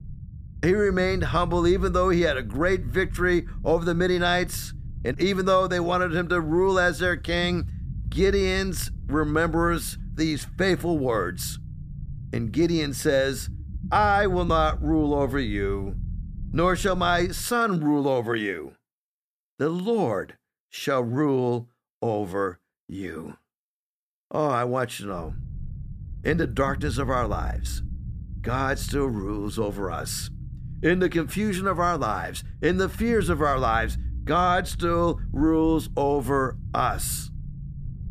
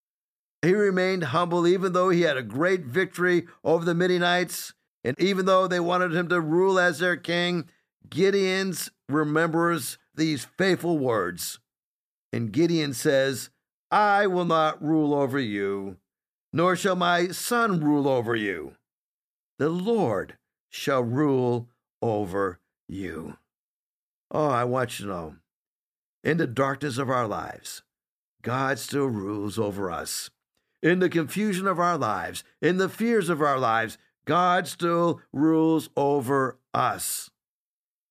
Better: second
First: low rumble; faint; until 17 s and from 25 s on; 25 dB below the speech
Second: none

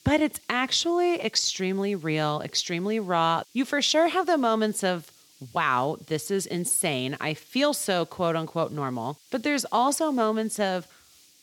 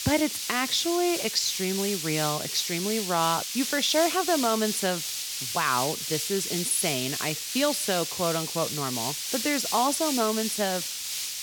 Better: first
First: hiss; faint; throughout; 30 dB below the speech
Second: hiss; loud; throughout; 2 dB below the speech

